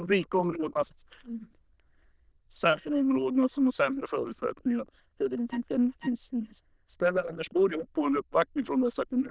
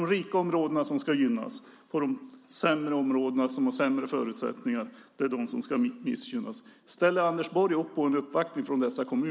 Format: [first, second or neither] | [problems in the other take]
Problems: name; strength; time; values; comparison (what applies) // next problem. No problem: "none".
second | noise reduction (neural diffusion model UNIVERSE++)